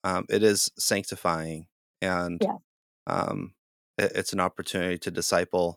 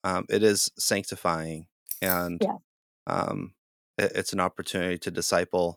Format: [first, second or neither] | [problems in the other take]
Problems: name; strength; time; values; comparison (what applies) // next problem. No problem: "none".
first | jangling keys; noticeable; at 2 s; peak 2 dB below the speech